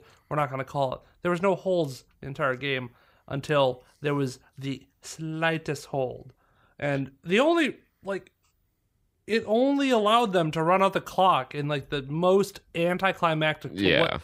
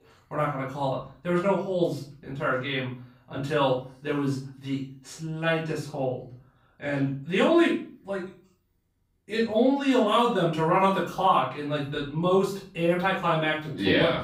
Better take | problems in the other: first | off-mic speech; far // room echo; noticeable; dies away in 0.4 s

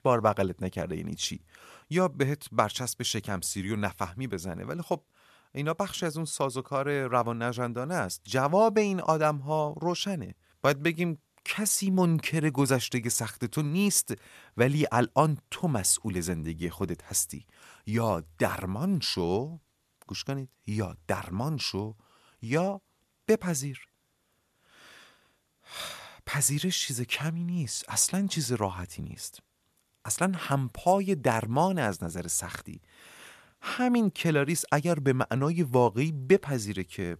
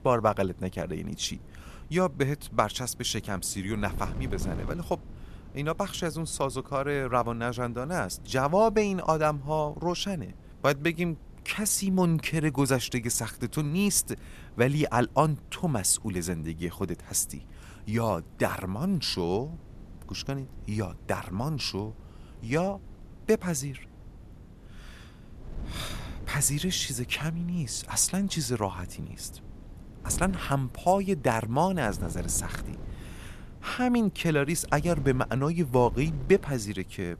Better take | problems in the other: first | wind noise on the microphone; occasional gusts; 25 dB below the speech

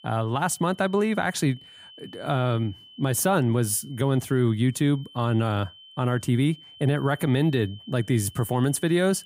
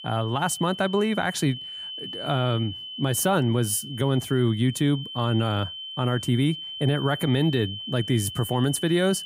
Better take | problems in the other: first | high-pitched whine; loud; throughout; 3 kHz, 10 dB below the speech; faint in the first

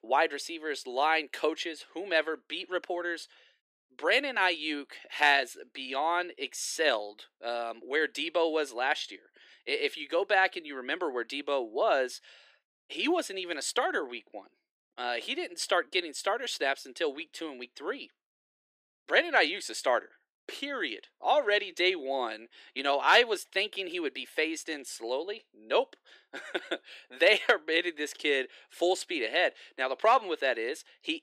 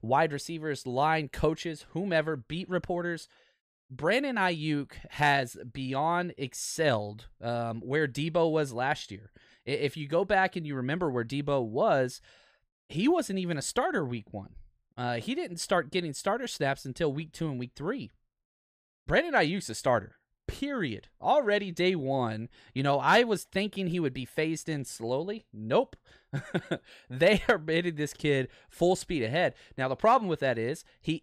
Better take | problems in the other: second | thin; somewhat; fading below 300 Hz

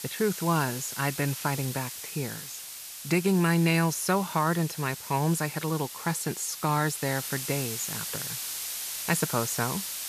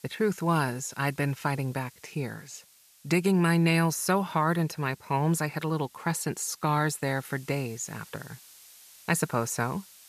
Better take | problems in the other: second | hiss; loud; throughout; 7 dB below the speech; faint in the second

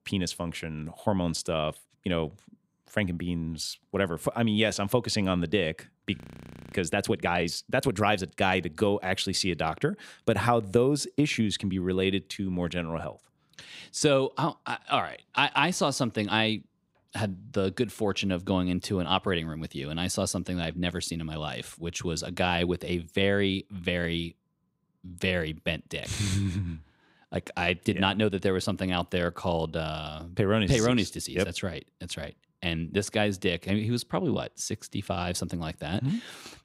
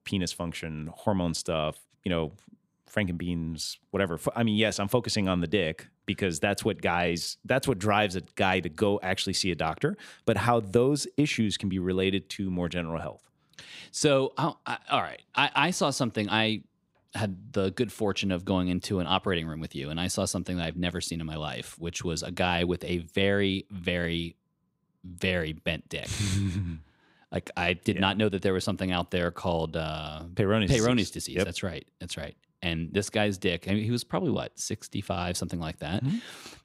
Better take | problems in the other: second | audio freezing; at 6 s for 0.5 s

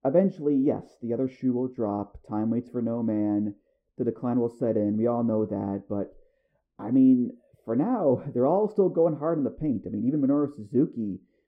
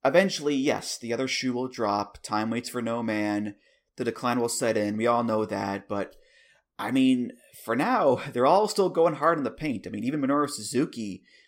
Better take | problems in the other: second | muffled; very; fading above 1.5 kHz

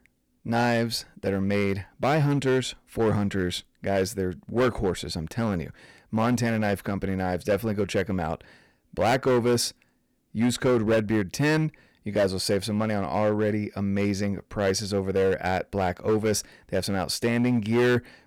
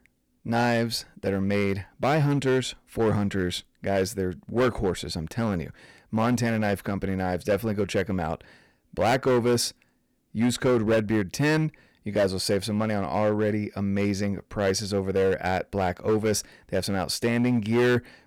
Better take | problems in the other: neither | distortion; slight; 7% of the sound clipped; the same in both

